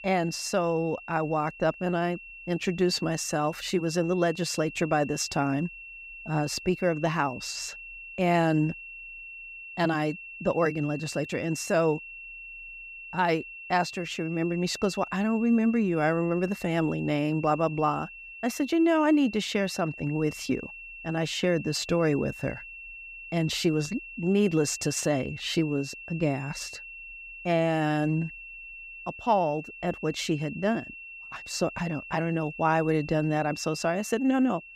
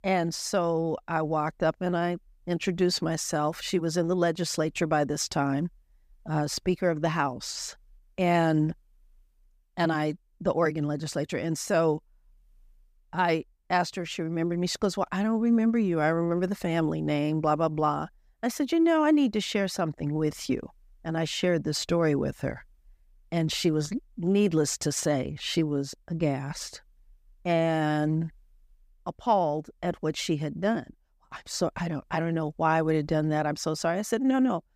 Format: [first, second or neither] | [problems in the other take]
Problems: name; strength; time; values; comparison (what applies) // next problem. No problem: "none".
second | high-pitched whine; noticeable; throughout; 2.5 kHz, 15 dB below the speech